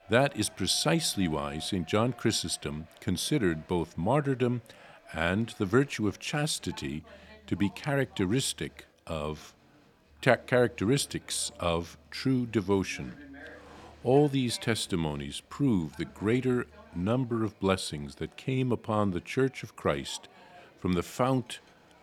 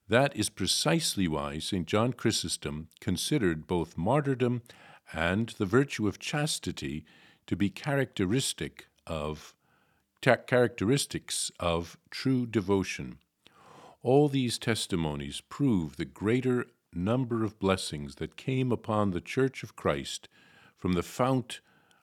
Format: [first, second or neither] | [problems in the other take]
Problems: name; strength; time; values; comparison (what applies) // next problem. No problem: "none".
second | crowd noise; faint; throughout; 25 dB below the speech